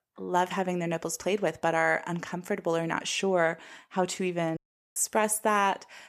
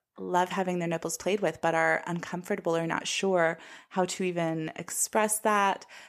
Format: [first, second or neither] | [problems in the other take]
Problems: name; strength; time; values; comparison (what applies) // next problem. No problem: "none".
second | audio cutting out; at 4.5 s